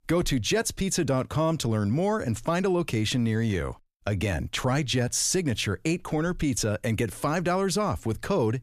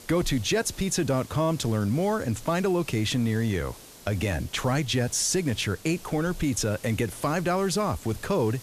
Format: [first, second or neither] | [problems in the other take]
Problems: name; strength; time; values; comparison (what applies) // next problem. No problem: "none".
first | hiss; noticeable; throughout; 20 dB below the speech